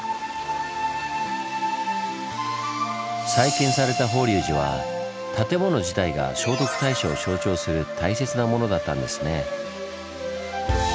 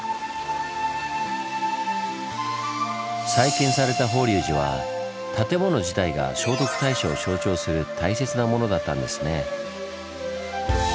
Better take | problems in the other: second | background sound (Organ); 18 dB below the speech

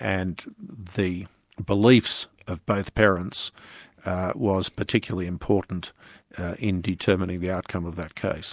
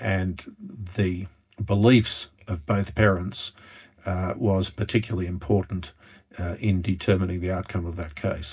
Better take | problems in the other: first | room echo; dies away in 0.4 s

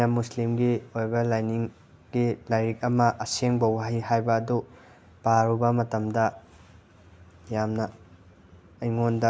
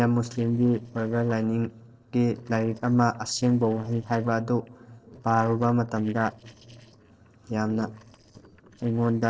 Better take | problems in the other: first | noise reduction (neural separator model SepFormer DNS4)

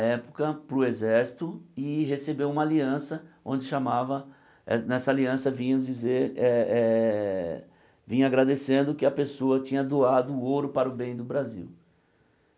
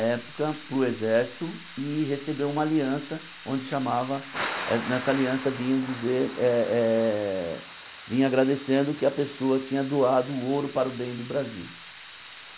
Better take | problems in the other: first | background sound (Thunder / Rain); 14 dB below the speech

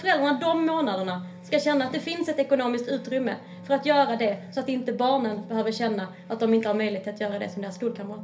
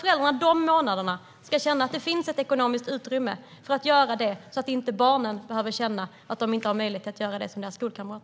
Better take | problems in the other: second | background sound (Wind instrument, woodwind instrument); 20 dB below the speech // room echo; dies away in 0.3 s

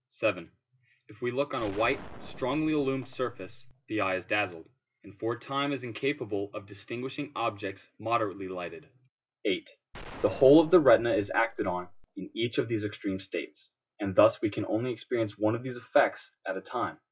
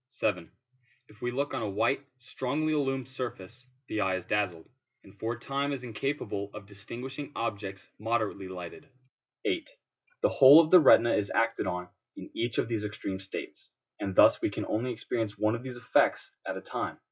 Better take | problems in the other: second | background sound (Gunshot, gunfire); 16 dB below the speech

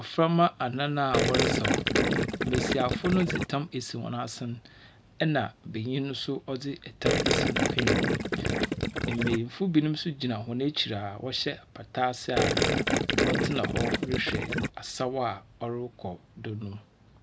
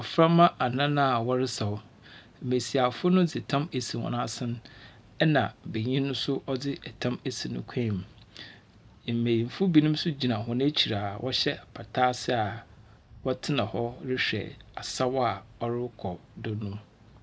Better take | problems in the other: second | background sound (Gurgling); 4 dB above the speech

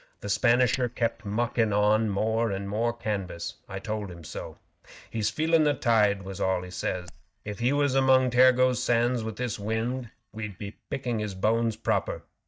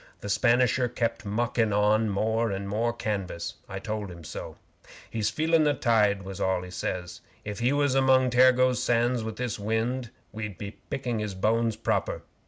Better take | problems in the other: second | noise reduction (neural mask model DeepFilterNet 3)

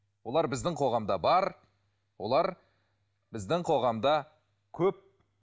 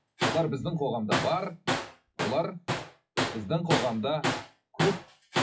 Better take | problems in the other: first | noise reduction (classical method WPE with log-MMSE)

